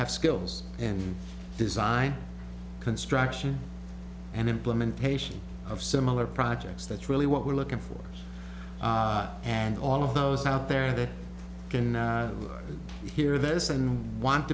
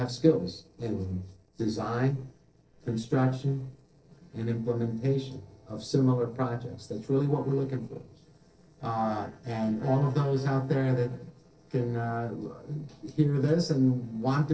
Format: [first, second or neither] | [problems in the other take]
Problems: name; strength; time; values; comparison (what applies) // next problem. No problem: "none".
first | noise reduction (neural separator model SepFormer DNS4)